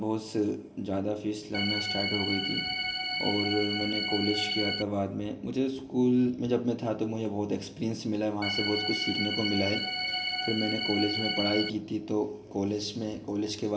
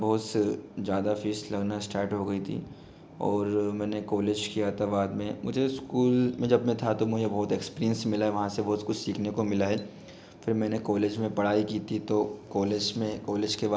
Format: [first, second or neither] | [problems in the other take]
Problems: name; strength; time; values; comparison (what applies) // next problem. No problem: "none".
second | background sound (Organ); 1 dB below the speech // room echo; dies away in 0.8 s